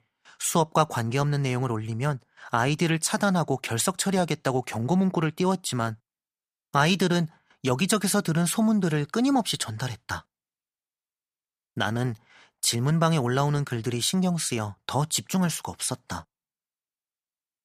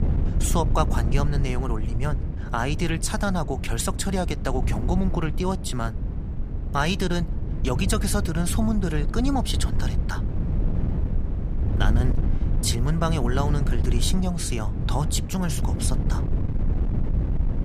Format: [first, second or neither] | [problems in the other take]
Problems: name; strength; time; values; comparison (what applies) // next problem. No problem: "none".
first | wind noise on the microphone; heavy; 10 dB below the speech